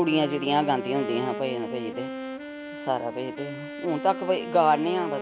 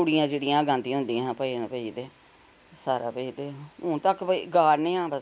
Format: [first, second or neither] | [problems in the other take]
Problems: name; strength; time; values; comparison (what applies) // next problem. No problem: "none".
second | background sound (Wind instrument, woodwind instrument); 8 dB below the speech